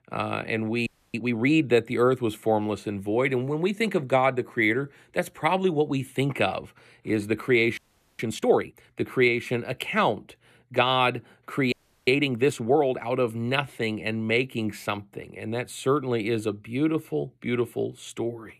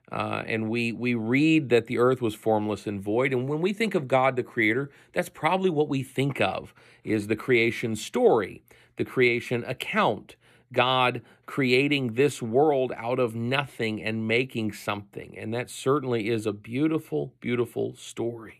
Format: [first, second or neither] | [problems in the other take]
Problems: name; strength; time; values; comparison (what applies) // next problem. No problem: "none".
second | audio freezing; at 1 s, at 8 s and at 12 s